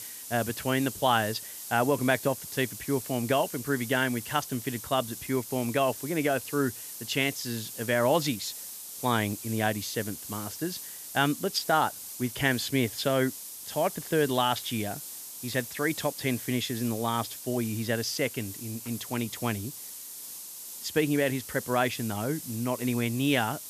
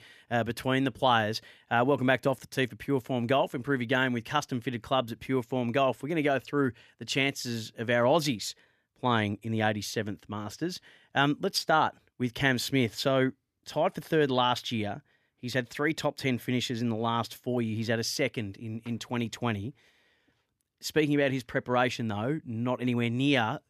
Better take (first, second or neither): second